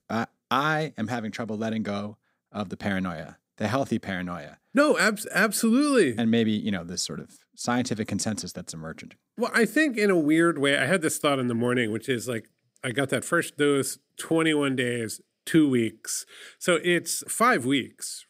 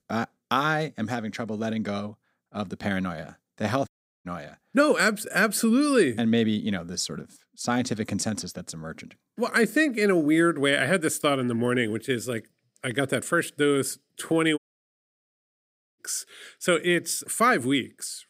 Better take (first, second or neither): first